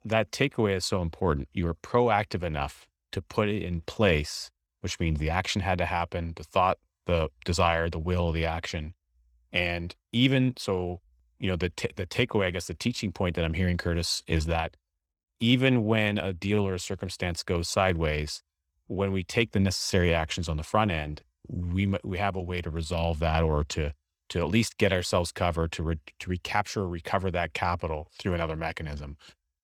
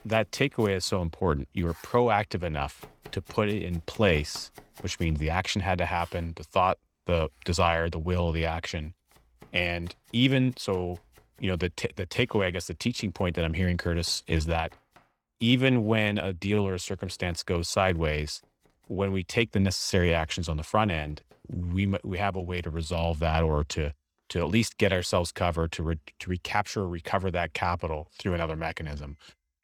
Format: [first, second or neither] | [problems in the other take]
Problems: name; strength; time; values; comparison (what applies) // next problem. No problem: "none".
first | household noises; faint; throughout; 25 dB below the speech